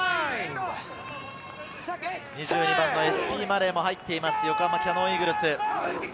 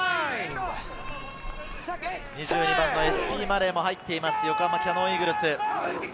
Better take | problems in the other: first | background sound (Hammer); 11 dB below the speech

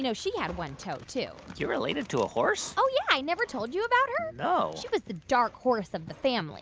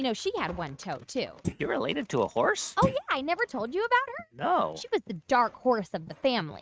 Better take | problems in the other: first | noise reduction (neural mask model RNNoise)

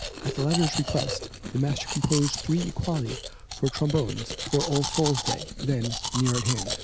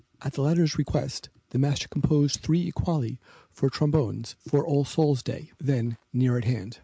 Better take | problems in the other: second | background sound (Domestic sounds, home sounds); 6 dB below the speech

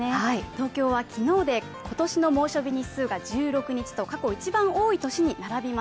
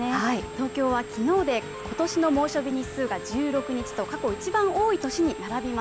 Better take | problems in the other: first | background sound (Telephone); 13 dB below the speech

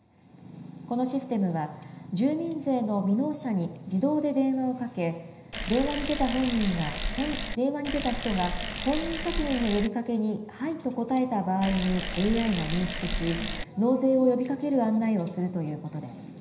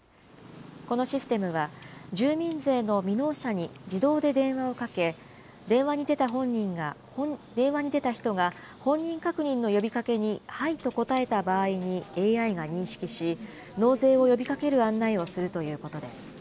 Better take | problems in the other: second | background sound (Bicycle); 5 dB below the speech // room echo; dies away in 0.9 s

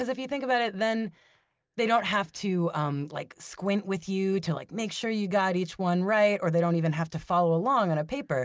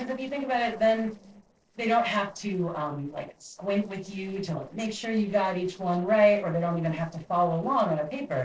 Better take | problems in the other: first | noise reduction (neural separator model SepFormer DNS4)

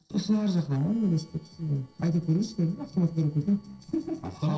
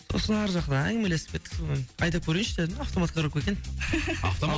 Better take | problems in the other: second | noise reduction (neural separator model SepFormer DNS4)

